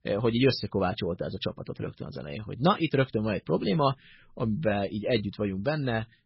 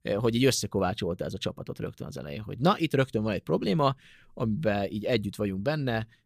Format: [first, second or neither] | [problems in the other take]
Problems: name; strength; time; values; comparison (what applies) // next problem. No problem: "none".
second | garbled, watery; badly; nothing above 5.5 kHz